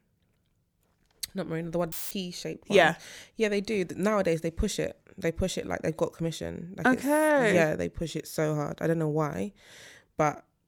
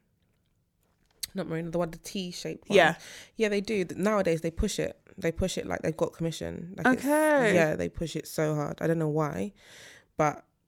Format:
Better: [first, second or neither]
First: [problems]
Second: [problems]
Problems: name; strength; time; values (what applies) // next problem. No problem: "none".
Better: second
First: audio cutting out; filled with static; at 2 s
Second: none